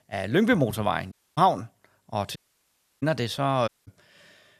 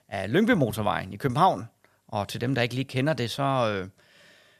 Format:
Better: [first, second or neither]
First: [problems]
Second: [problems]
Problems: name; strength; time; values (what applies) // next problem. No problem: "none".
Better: second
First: audio cutting out; at 1 s, at 2.5 s for 0.5 s and at 3.5 s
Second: none